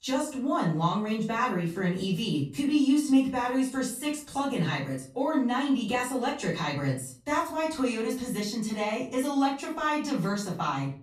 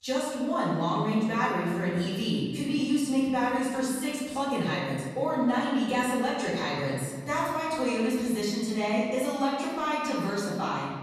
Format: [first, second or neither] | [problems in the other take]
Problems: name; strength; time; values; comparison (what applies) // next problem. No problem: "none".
first | room echo; strong; dies away in 1.5 s; slight in the first // off-mic speech; far; far in the first